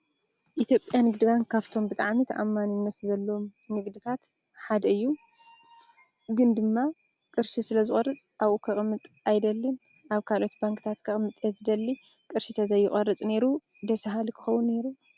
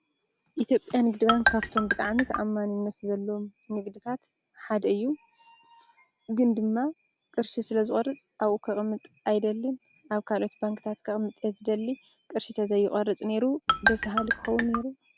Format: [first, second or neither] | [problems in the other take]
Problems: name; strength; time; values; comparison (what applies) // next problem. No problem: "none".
first | background sound (Marimba, xylophone); 1 dB above the speech